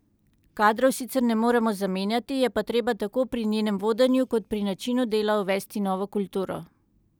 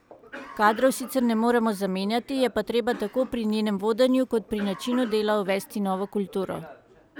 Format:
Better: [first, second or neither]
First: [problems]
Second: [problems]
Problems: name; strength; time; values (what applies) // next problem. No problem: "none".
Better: first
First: none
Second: background sound (Cough); 19 dB below the speech